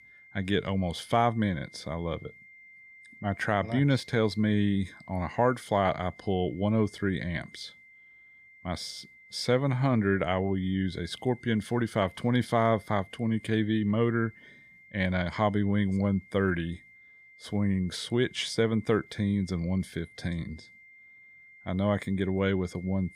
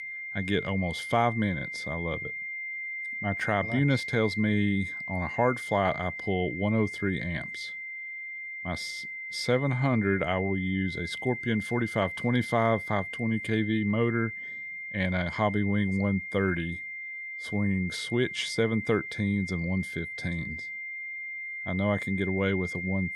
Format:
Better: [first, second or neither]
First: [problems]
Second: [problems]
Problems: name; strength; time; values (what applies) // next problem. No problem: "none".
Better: first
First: high-pitched whine; faint; throughout; 2 kHz, 25 dB below the speech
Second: high-pitched whine; loud; throughout; 2 kHz, 6 dB below the speech